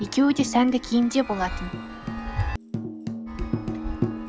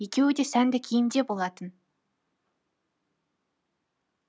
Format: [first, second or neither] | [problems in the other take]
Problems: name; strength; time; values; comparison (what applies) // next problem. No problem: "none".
second | background sound (Chime + Tambourine); 5 dB below the speech